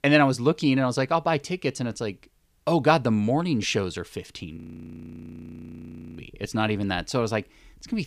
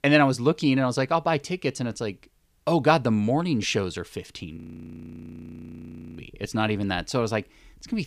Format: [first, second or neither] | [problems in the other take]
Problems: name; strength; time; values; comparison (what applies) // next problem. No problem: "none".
neither | audio freezing; at 4.5 s for 1.5 s; the same in both